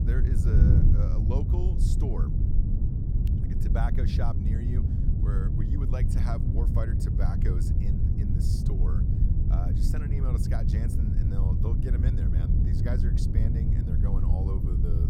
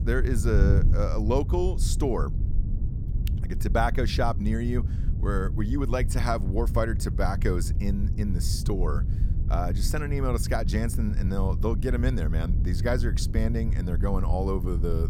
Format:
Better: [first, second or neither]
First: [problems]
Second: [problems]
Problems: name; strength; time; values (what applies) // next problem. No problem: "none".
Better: second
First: wind noise on the microphone; heavy; 2 dB above the speech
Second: wind noise on the microphone; occasional gusts; 10 dB below the speech